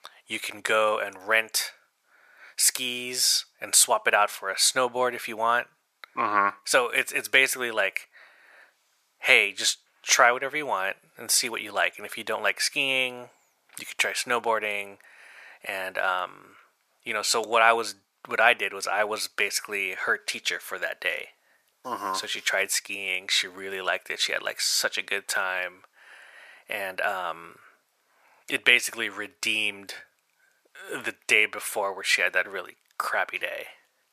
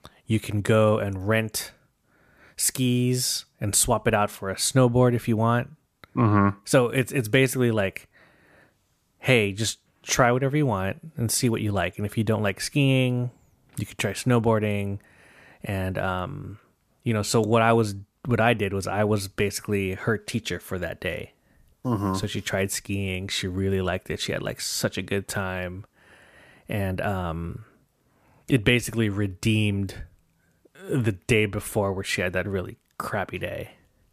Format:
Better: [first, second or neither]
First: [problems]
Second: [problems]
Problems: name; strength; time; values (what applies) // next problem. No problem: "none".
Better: second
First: thin; very; fading below 800 Hz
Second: none